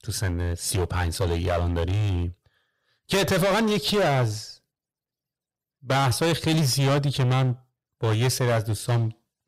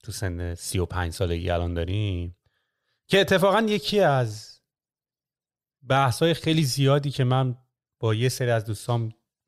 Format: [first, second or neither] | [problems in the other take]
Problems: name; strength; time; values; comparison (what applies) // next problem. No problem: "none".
second | distortion; heavy; 18% of the sound clipped